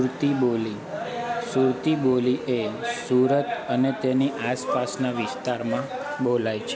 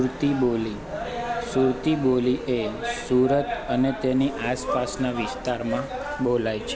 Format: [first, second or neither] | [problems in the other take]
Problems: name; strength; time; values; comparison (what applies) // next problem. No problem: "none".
first | background sound (Stream / Bird); 20 dB below the speech